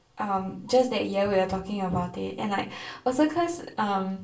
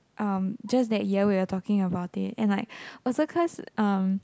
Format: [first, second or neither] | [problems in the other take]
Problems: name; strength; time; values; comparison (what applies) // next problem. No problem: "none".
second | room echo; dies away in 0.3 s